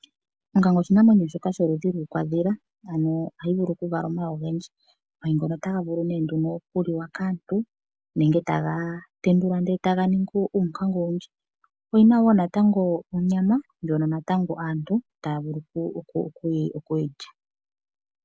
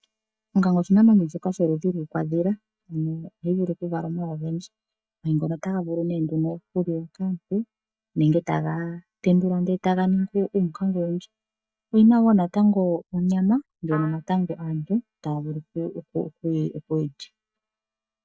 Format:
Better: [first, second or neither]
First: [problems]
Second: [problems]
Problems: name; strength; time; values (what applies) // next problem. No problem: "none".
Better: first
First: none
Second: noise reduction (neural mask model DeepFilterNet 3)